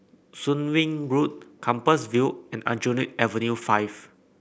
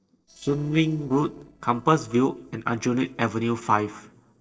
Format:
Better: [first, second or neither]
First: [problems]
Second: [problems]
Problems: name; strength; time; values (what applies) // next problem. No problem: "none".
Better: first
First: none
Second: noise reduction (neural separator model SepFormer DNS4)